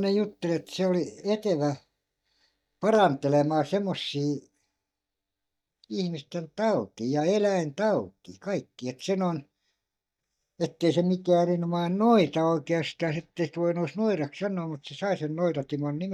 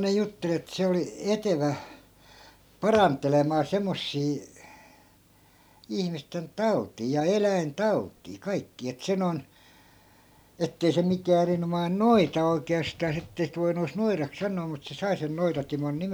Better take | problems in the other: second | noise reduction (neural mask model DeepFilterNet 3)

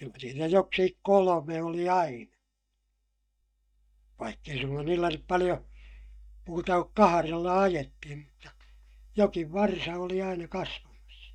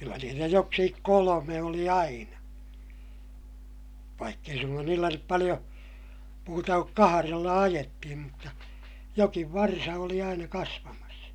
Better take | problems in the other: second | noise reduction (neural mask model DeepFilterNet 3)

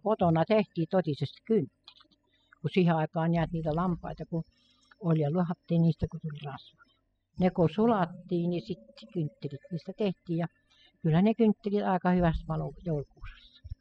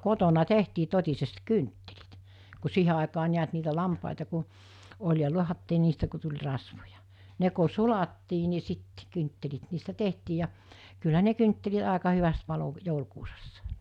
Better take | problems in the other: second | noise reduction (classical method spectral subtraction)

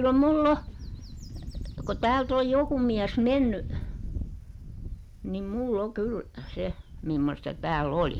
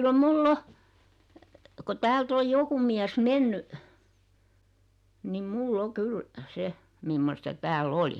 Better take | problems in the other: second | background sound (Wind / Bird); 10 dB below the speech

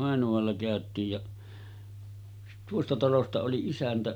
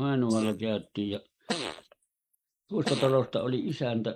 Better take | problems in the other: first | noise reduction (neural mask model Resemble Enhance denoiser)

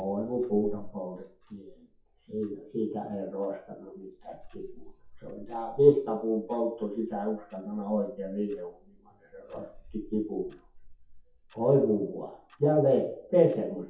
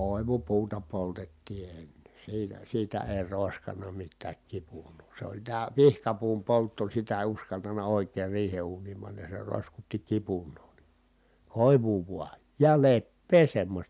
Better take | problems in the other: second | noise reduction (classical method WPE with log-MMSE)

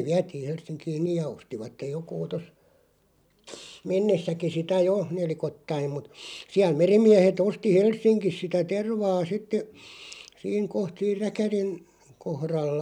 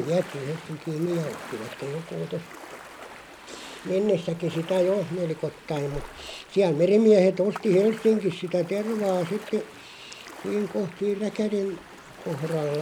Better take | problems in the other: first | background sound (Breathing + Ocean); 17 dB below the speech

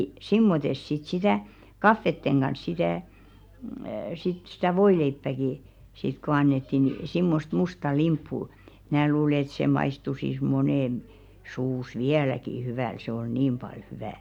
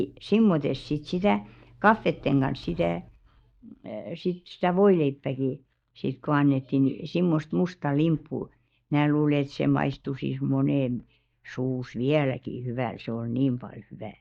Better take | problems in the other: first | noise reduction (neural mask model DeepFilterNet 3)

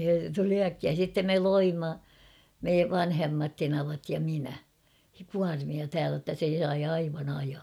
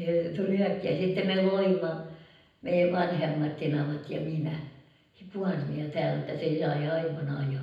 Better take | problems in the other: first | room echo; dies away in 0.8 s

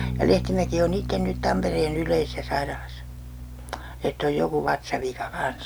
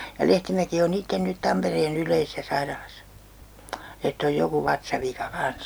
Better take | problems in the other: second | background sound (Bass guitar); 8 dB below the speech

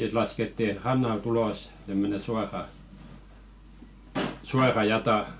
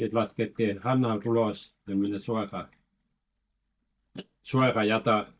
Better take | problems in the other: first | noise reduction (neural mask model DeepFilterNet 3)

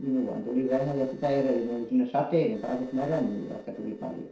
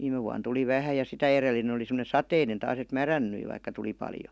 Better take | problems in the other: second | noise reduction (neural separator model SepFormer DNS4)

